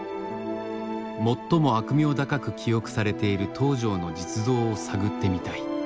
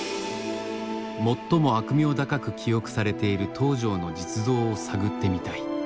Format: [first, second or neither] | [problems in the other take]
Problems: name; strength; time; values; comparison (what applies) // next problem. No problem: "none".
first | background sound (Crash cymbal); 19 dB below the speech